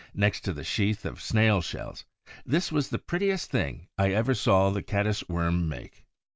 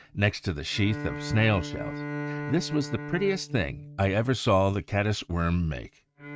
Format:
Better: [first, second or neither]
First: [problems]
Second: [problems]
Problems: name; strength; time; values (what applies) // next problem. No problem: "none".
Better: first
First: none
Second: noise reduction (neural mask model RNNoise)